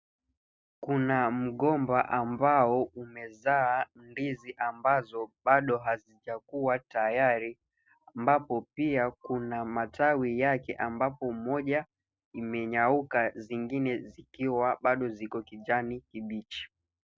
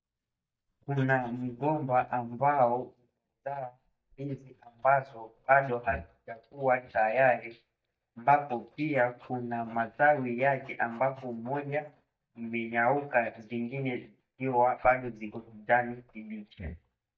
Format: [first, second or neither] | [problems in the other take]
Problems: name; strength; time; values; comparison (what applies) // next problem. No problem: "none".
first | noise reduction (neural mask model DeepFilterNet 3)